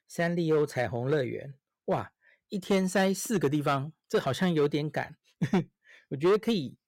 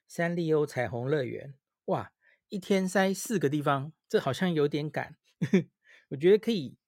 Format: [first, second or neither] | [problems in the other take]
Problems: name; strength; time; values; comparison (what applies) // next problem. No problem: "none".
second | distortion; slight; 4% of the sound clipped